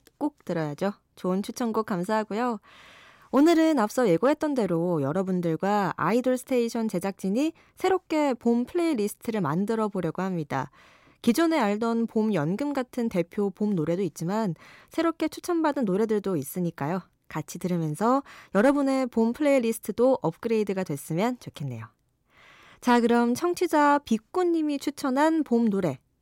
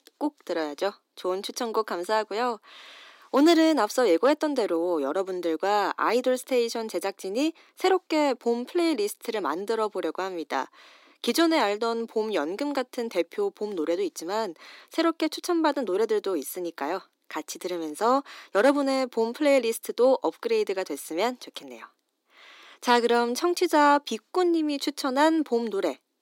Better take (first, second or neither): first